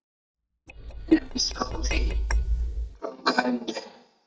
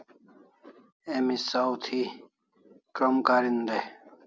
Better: second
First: noise reduction (neural mask model DeepFilterNet 3)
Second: none

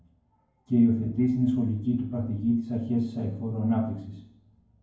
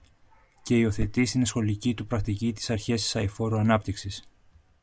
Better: second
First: room echo; dies away in 0.9 s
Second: none

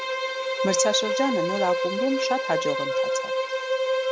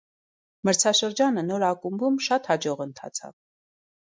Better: second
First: background sound (Bowed string instrument); 3 dB above the speech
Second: none

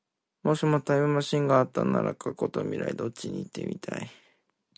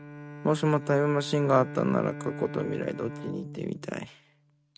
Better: first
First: none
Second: noise reduction (neural mask model RNNoise)

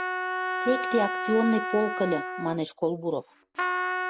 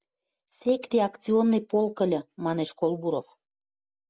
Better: second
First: background sound (Trumpet); 2 dB below the speech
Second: none

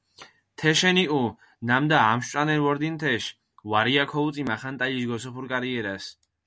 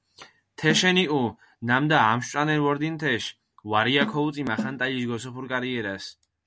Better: first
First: none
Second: background sound (Snare drum); 8 dB below the speech

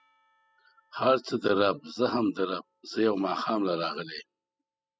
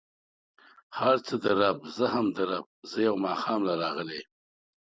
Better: second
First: noise reduction (classical method spectral subtraction)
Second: none

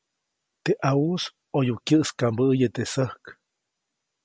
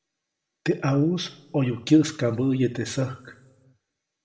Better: first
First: none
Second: room echo; dies away in 0.6 s

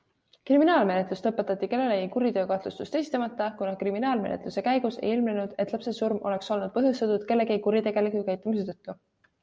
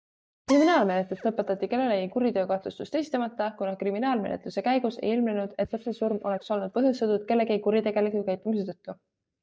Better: first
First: none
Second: noise reduction (neural mask model DeepFilterNet 3)

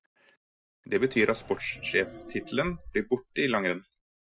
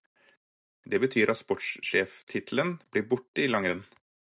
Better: second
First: noise reduction (classical method Wiener filter)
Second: none

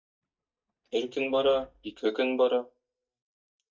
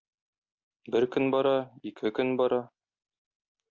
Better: second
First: noise reduction (neural mask model DeepFilterNet 3)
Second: none

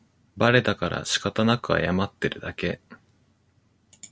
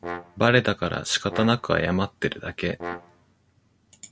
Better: first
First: none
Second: background sound (Brass instrument); 14 dB below the speech

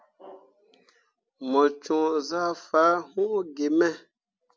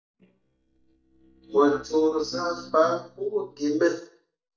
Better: first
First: none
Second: noise reduction (neural mask model DeepFilterNet 3)

